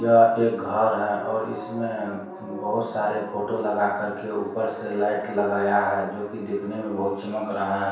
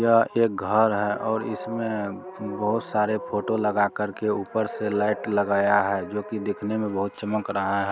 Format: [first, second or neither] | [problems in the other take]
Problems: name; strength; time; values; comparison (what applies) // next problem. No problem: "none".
second | room echo; dies away in 0.7 s